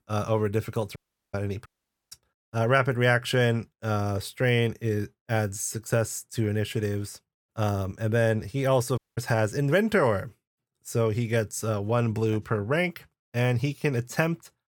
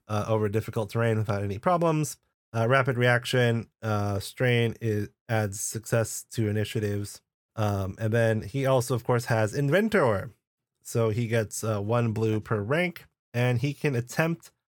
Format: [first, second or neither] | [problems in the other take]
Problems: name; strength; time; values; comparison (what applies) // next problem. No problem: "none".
second | audio cutting out; at 1 s, at 1.5 s and at 9 s